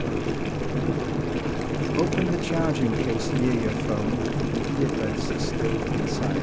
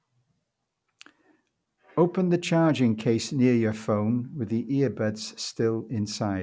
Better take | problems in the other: second | background sound (Boiling); 4 dB above the speech

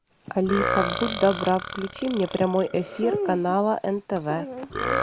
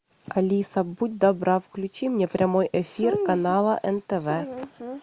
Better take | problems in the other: second | background sound (Burping, eructation); 6 dB below the speech

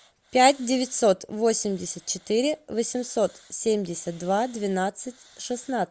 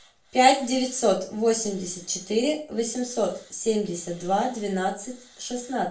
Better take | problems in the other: first | room echo; dies away in 0.3 s

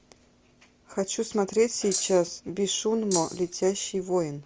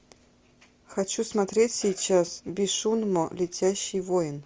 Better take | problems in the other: second | background sound (Rattle (instrument)); 6 dB below the speech

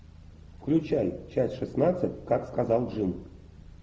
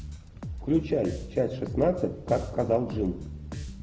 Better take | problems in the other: first | background sound (Bass guitar); 10 dB below the speech

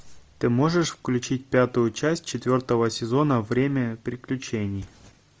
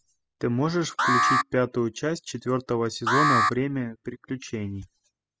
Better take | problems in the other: first | noise reduction (classical method spectral subtraction)

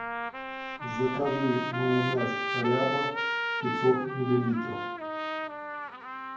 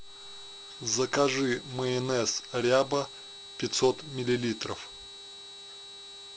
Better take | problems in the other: second | background sound (Trumpet); 2 dB below the speech // room echo; dies away in 0.9 s

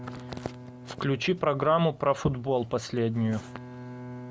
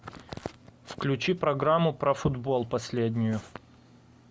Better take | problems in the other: second | background sound (Bowed string instrument); 16 dB below the speech

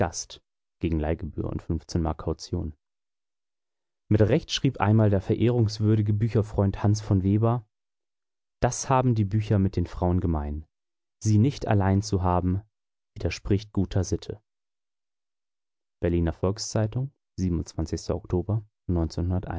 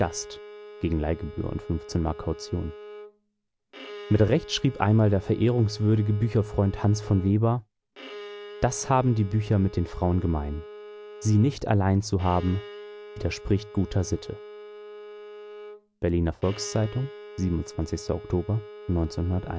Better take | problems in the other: first | background sound (Bowed string instrument); 16 dB below the speech

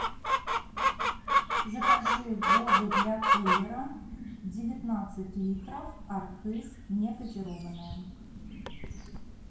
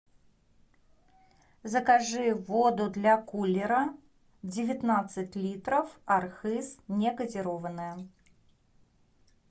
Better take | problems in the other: second | background sound (Chicken, rooster); 5 dB above the speech // room echo; dies away in 0.6 s

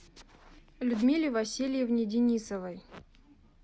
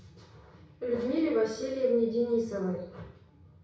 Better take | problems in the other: first | room echo; dies away in 0.6 s

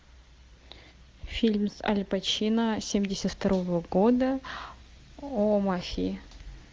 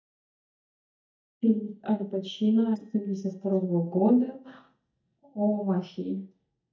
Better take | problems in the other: first | noise reduction (neural mask model DeepFilterNet 3)

